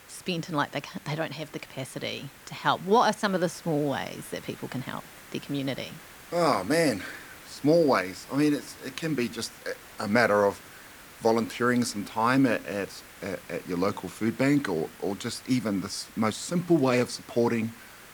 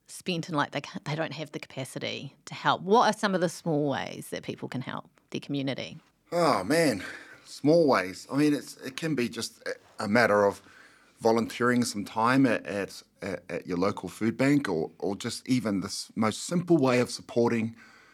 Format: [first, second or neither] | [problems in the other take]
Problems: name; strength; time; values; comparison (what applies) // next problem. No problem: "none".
second | hiss; noticeable; throughout; 20 dB below the speech